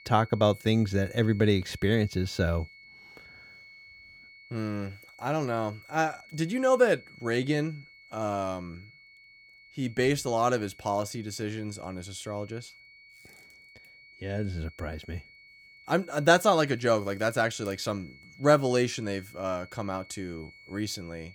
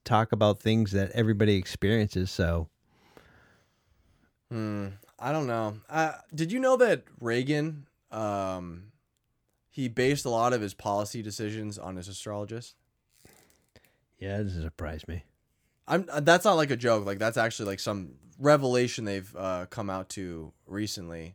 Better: second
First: high-pitched whine; faint; throughout; 2 kHz, 20 dB below the speech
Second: none

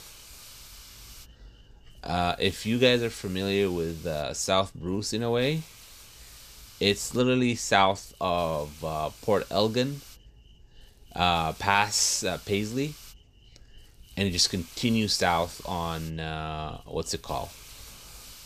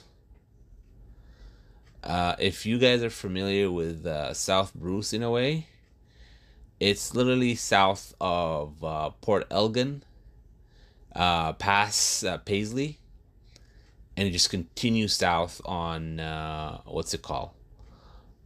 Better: second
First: hiss; faint; throughout; 20 dB below the speech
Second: none

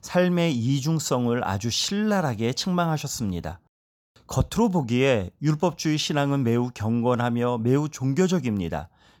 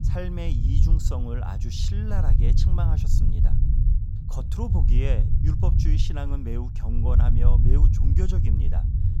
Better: first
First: none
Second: low rumble; loud; throughout; 2 dB below the speech

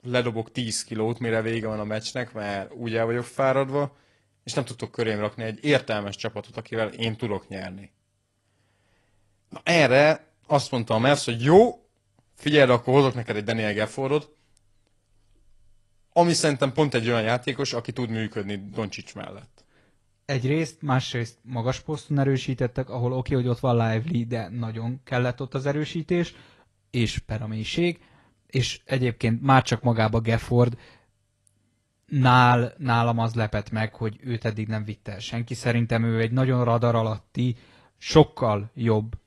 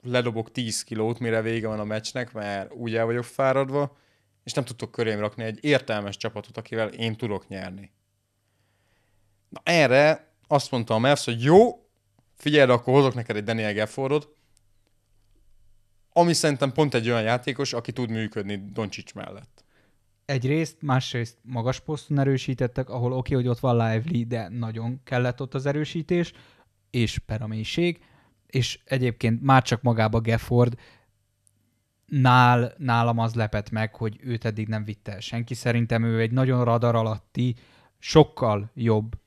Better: second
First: garbled, watery; slightly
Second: none

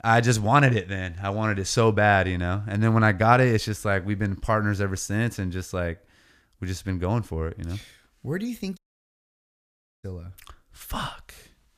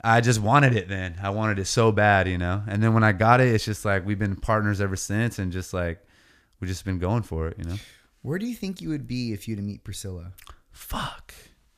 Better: second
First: audio cutting out; at 9 s for 1.5 s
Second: none

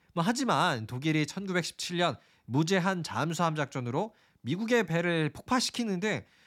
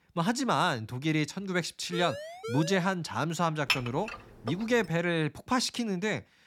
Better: first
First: none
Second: siren; noticeable; from 2 to 3 s; peak 8 dB below the speech // clattering dishes; loud; at 3.5 s; peak level with the speech

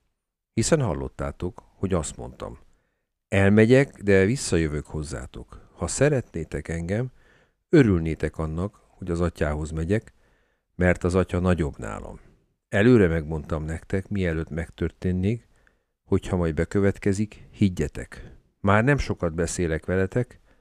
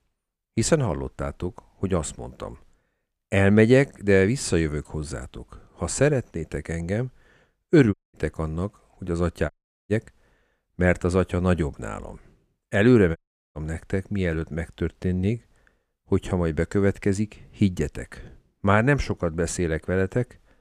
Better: first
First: none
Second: audio cutting out; at 8 s, at 9.5 s and at 13 s

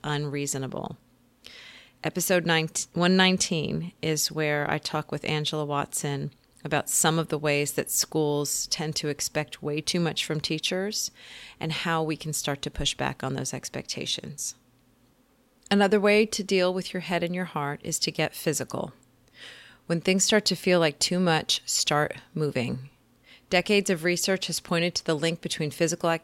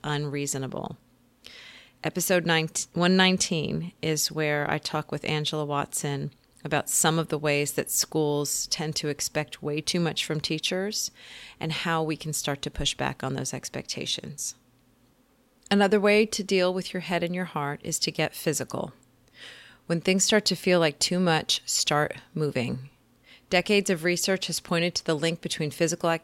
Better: neither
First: none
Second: none

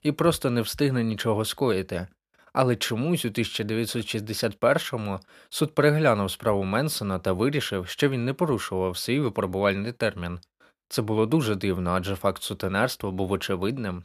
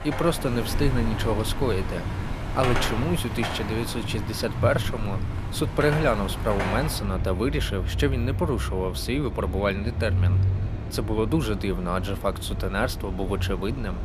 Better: first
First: none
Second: traffic noise; loud; throughout; 2 dB below the speech

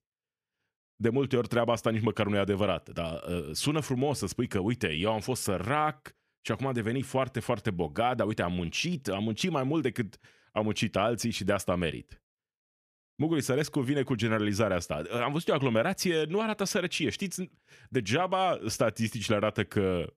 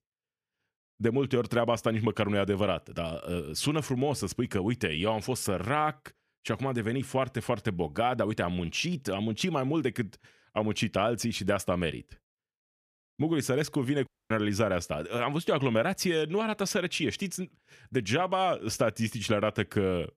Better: first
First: none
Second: audio cutting out; at 14 s

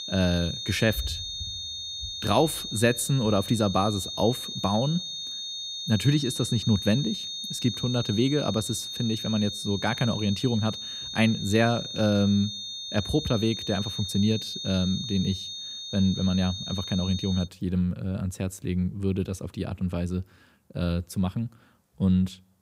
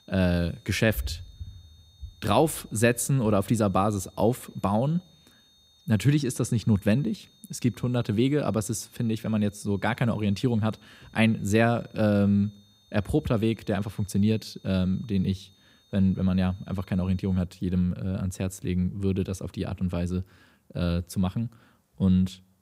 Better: second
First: high-pitched whine; loud; until 17 s; 3.5 kHz, 6 dB below the speech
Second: high-pitched whine; faint; until 17 s; 3.5 kHz, 30 dB below the speech

